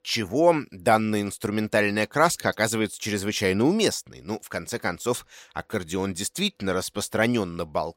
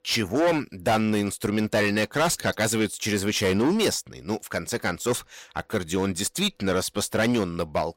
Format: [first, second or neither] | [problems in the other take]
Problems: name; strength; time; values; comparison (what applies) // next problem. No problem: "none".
first | distortion; heavy; 11% of the sound clipped